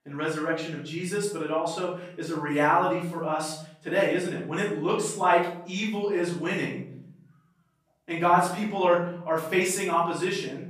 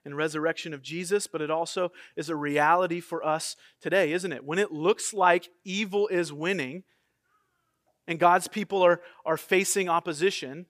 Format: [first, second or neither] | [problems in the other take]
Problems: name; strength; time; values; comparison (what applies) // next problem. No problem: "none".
second | off-mic speech; far // room echo; noticeable; dies away in 0.8 s